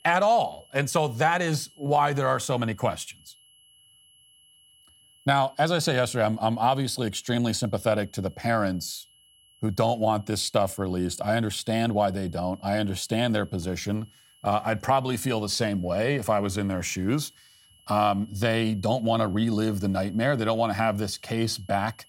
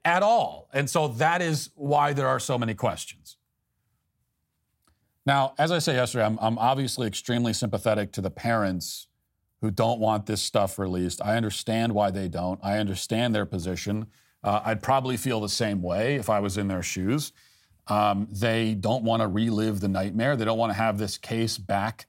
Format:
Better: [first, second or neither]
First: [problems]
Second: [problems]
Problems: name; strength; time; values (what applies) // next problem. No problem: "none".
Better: second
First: high-pitched whine; faint; throughout; 3 kHz, 30 dB below the speech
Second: none